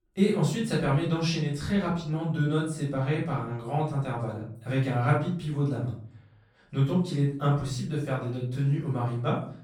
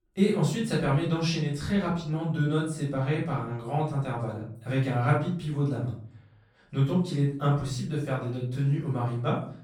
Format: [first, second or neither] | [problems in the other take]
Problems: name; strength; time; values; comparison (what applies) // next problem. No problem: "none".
neither | room echo; noticeable; dies away in 0.5 s; the same in both // off-mic speech; far; the same in both